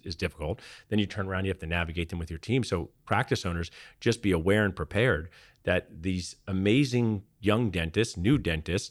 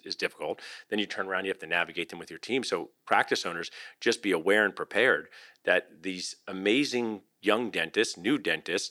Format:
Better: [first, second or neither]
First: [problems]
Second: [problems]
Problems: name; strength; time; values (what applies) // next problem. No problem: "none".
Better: first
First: none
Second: thin; somewhat; fading below 300 Hz